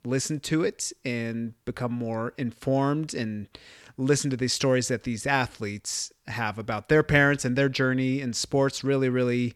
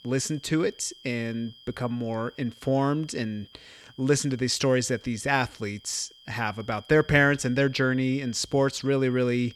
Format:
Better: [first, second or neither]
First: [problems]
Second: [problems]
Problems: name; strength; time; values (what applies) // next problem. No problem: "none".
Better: first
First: none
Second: high-pitched whine; faint; throughout; 3 kHz, 25 dB below the speech